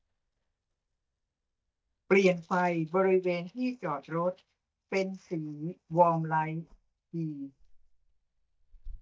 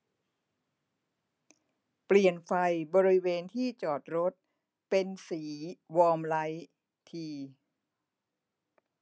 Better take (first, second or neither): second